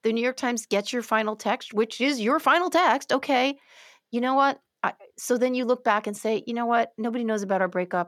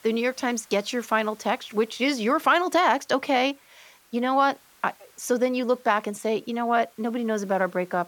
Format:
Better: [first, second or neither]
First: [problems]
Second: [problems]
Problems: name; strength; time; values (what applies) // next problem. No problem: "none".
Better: first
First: none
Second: hiss; faint; throughout; 30 dB below the speech